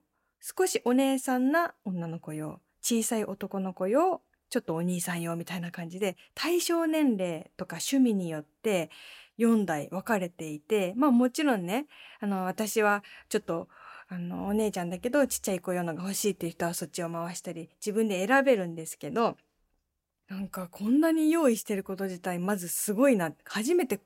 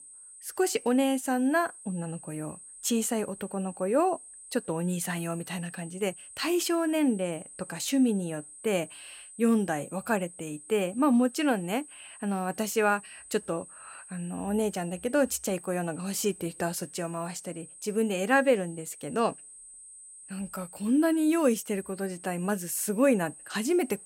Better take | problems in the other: first | high-pitched whine; noticeable; throughout; 8 kHz, 15 dB below the speech

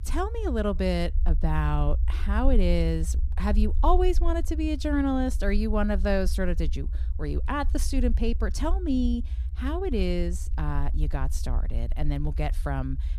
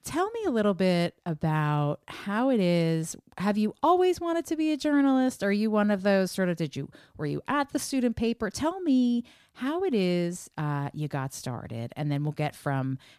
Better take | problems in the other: second | low rumble; noticeable; throughout; 20 dB below the speech

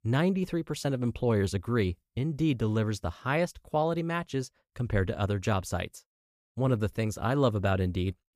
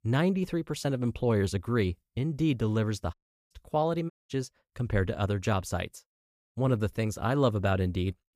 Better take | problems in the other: first | audio cutting out; at 3 s and at 4 s

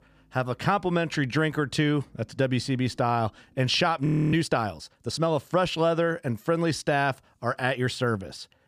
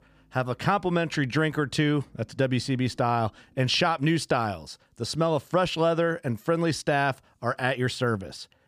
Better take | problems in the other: second | audio freezing; at 4 s

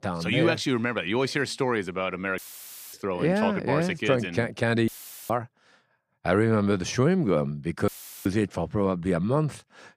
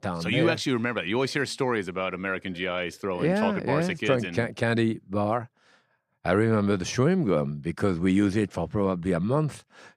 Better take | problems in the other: second | audio cutting out; filled with static; at 2.5 s for 0.5 s, at 5 s and at 8 s

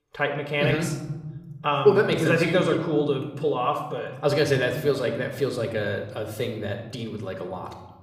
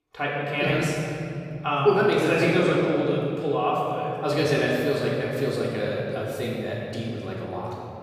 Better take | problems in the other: first | room echo; strong; dies away in 3 s; slight in the first // off-mic speech; far

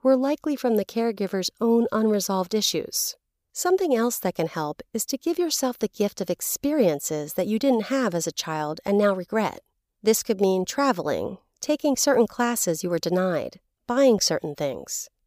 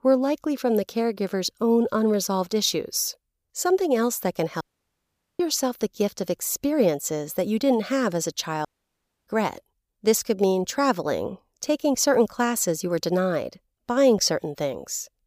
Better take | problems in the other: first | audio cutting out; at 4.5 s for 1 s and at 8.5 s for 0.5 s

